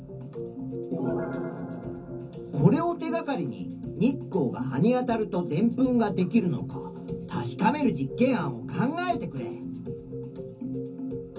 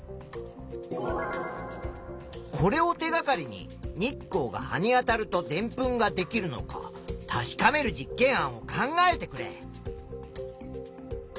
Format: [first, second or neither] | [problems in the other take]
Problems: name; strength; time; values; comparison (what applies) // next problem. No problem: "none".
second | room echo; dies away in 0.3 s